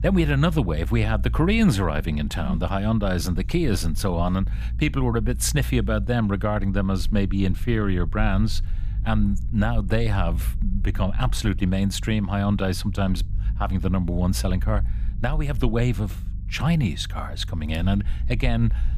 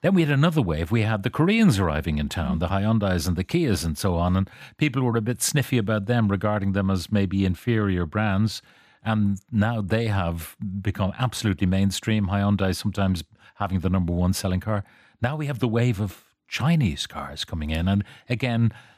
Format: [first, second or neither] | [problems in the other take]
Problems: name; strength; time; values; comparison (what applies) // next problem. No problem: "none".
second | low rumble; faint; throughout; 20 dB below the speech